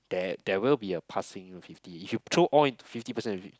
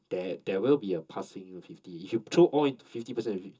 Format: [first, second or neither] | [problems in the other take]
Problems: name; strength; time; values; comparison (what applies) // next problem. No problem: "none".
first | room echo; dies away in 0.2 s